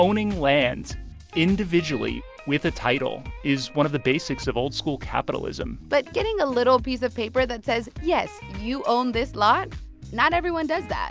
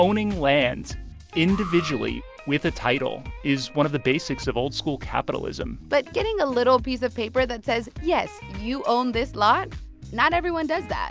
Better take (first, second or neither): first